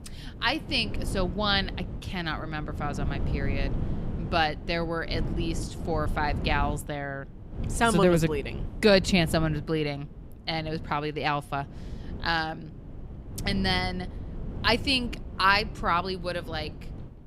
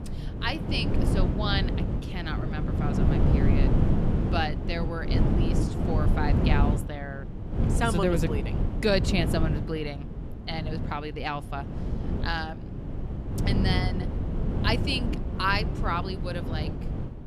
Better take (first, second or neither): first